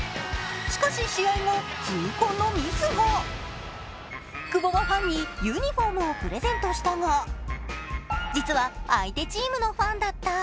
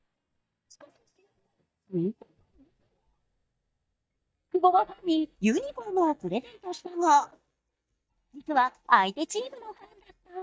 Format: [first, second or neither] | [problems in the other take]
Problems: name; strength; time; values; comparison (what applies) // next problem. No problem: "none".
first | noise reduction (neural mask model DeepFilterNet 3)